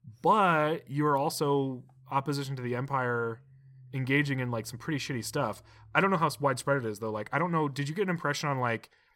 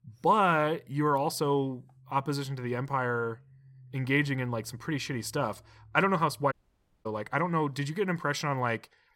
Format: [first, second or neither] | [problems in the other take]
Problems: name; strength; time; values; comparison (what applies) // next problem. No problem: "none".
first | audio cutting out; at 6.5 s for 0.5 s